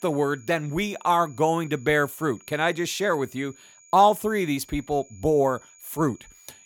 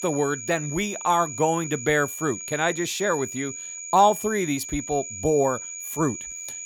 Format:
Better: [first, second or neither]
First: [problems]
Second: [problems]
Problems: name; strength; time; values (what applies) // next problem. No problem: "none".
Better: first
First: high-pitched whine; faint; throughout; 7 kHz, 25 dB below the speech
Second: high-pitched whine; loud; throughout; 7 kHz, 9 dB below the speech